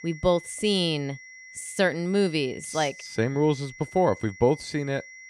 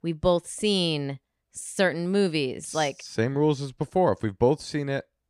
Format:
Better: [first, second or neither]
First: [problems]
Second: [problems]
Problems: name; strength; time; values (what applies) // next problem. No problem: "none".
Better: second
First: high-pitched whine; noticeable; throughout; 2 kHz, 20 dB below the speech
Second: none